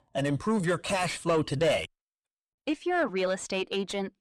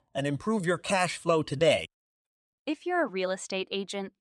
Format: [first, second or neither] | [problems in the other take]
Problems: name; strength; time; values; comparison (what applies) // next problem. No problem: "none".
second | distortion; slight; 10 dB below the speech